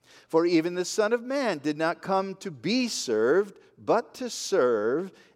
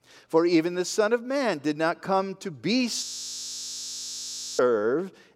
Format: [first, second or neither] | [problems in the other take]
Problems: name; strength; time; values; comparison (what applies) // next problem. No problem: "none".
first | audio freezing; at 3 s for 1.5 s